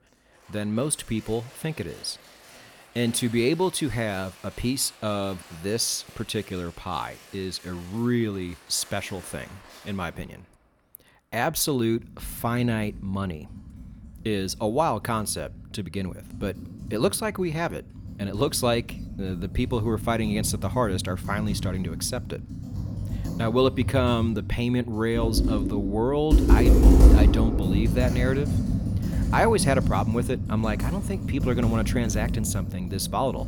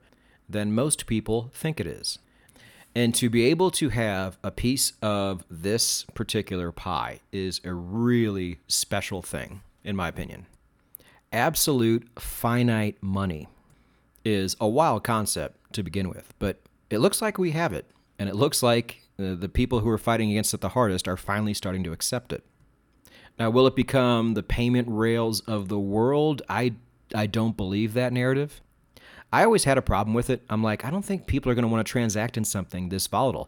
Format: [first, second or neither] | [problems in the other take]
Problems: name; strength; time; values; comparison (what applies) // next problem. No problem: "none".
second | household noises; very loud; throughout; 1 dB above the speech